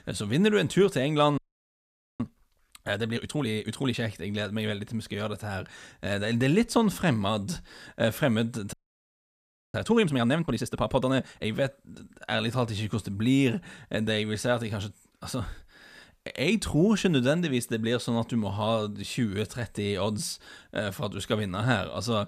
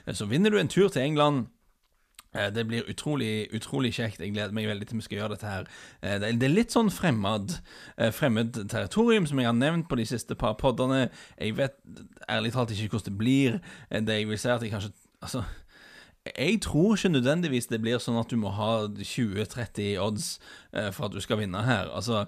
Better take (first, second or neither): second